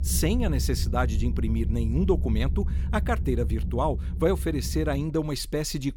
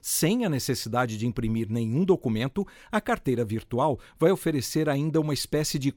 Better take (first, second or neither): second